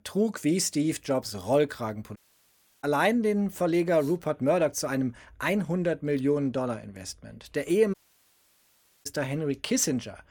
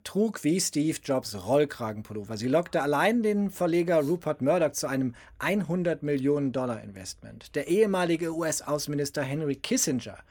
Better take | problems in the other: second | audio cutting out; at 2 s for 0.5 s and at 8 s for 1 s

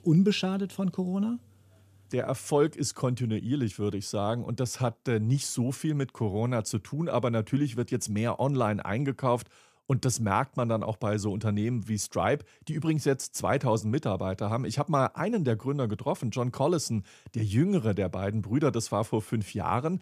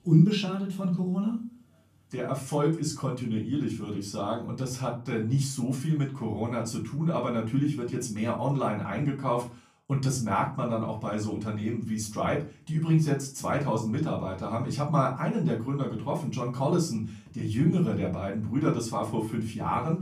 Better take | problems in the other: first | off-mic speech; far // room echo; slight; dies away in 0.3 s

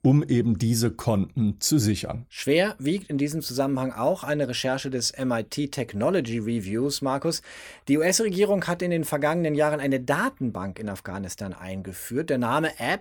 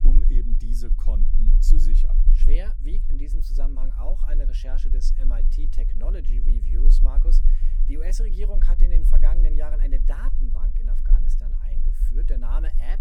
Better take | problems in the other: first | low rumble; loud; throughout; 7 dB below the speech

